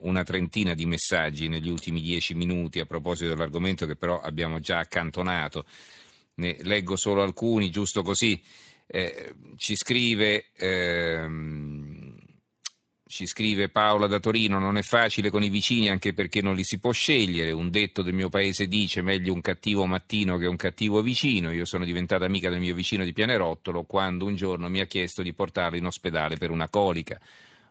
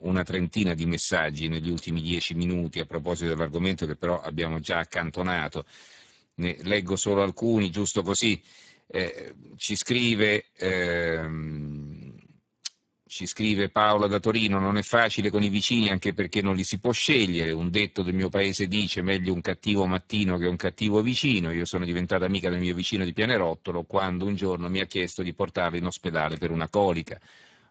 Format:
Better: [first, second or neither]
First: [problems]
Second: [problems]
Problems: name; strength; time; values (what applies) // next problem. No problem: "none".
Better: first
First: garbled, watery; slightly; nothing above 7.5 kHz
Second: garbled, watery; badly; nothing above 7.5 kHz